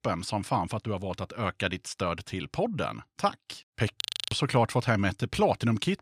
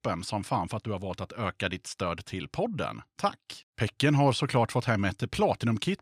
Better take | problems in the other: second | audio freezing; at 4 s

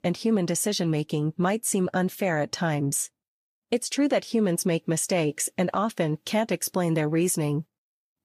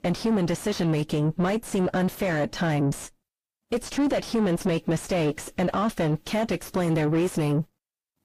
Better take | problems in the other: first | distortion; heavy; 4 dB below the speech

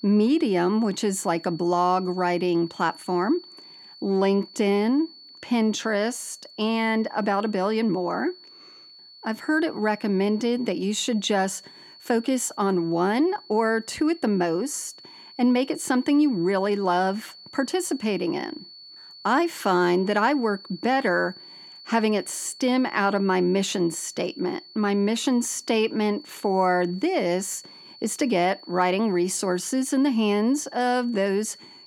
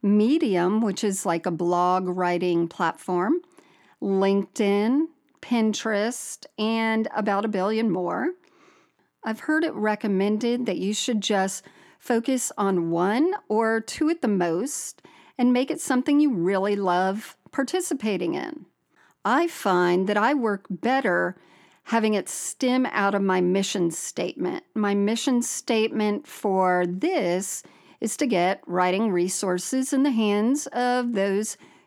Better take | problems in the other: second | high-pitched whine; noticeable; throughout; 4.5 kHz, 20 dB below the speech

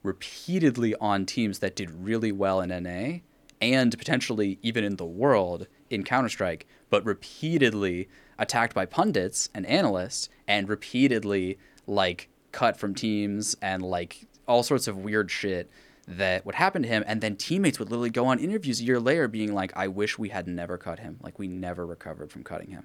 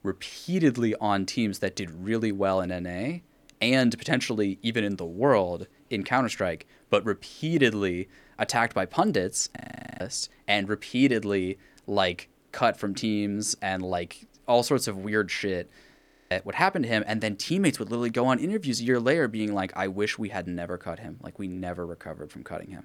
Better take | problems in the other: first | audio freezing; at 9.5 s and at 16 s

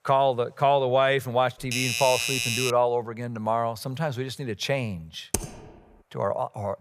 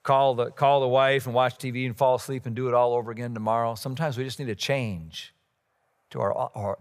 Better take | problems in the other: second | doorbell; loud; from 1.5 to 2.5 s; peak 1 dB above the speech // keyboard typing; noticeable; at 5.5 s; peak 5 dB below the speech

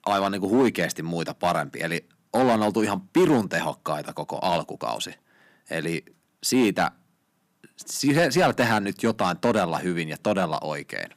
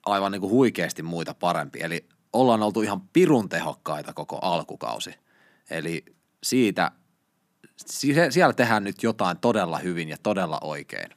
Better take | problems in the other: second | distortion; slight; 3% of the sound clipped

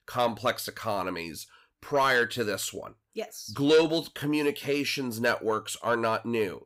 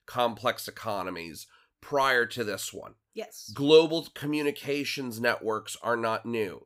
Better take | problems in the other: second | distortion; slight; 10 dB below the speech

